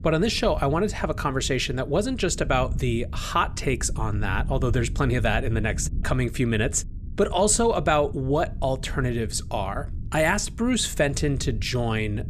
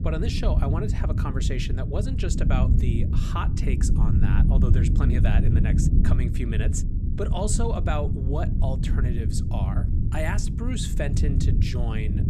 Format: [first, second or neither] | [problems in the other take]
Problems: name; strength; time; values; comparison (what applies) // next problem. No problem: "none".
first | low rumble; loud; throughout; 3 dB below the speech; faint in the first